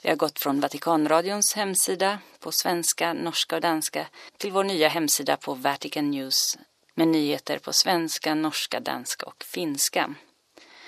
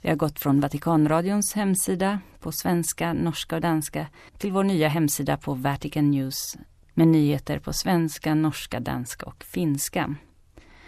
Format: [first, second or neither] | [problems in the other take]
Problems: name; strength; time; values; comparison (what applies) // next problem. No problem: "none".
second | thin; somewhat; fading below 450 Hz